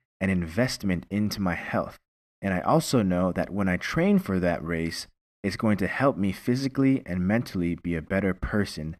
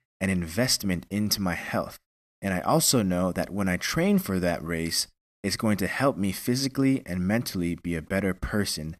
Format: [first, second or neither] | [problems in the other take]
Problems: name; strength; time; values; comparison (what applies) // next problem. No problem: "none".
second | muffled; slightly; fading above 4 kHz